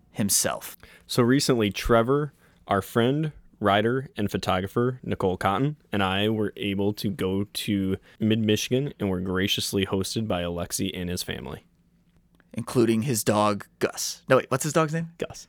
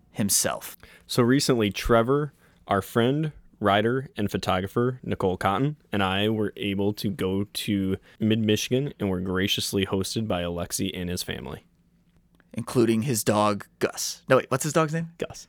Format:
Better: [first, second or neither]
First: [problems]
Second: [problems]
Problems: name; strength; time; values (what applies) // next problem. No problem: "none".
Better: neither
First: none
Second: none